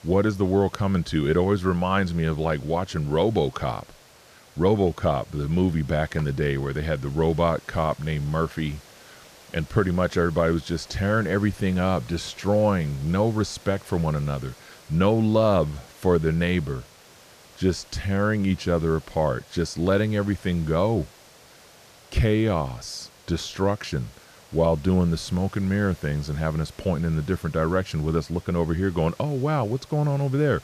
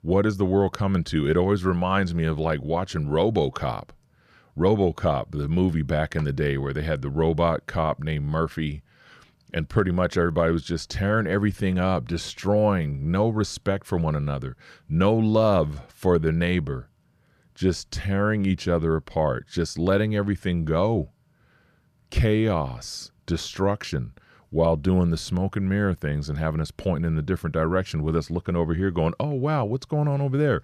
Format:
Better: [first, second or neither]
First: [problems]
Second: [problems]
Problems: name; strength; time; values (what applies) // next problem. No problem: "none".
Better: second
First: hiss; faint; throughout; 25 dB below the speech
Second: none